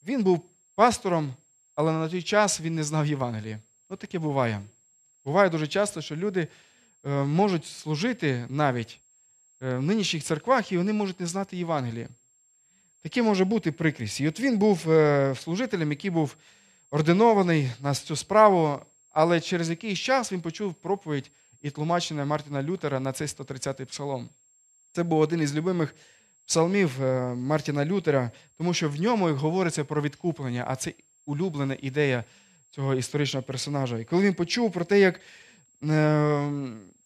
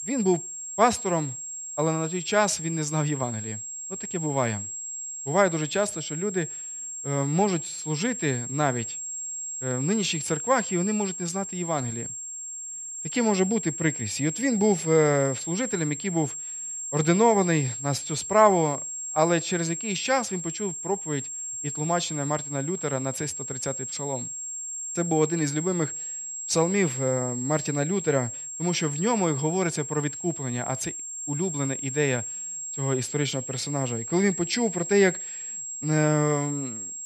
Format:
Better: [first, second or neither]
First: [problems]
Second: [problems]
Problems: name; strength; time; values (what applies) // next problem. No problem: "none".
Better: first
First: high-pitched whine; faint; throughout; 7.5 kHz, 35 dB below the speech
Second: high-pitched whine; loud; throughout; 7.5 kHz, 5 dB below the speech